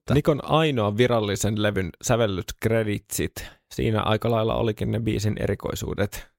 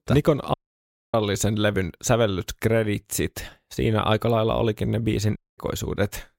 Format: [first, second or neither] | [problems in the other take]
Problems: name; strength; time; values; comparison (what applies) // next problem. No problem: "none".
first | audio cutting out; at 0.5 s for 0.5 s and at 5.5 s